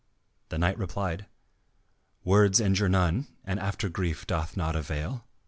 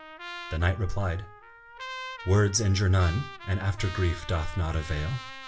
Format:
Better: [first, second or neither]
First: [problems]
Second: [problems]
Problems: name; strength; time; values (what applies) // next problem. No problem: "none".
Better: first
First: none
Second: background sound (Trumpet); 14 dB below the speech // room echo; dies away in 0.2 s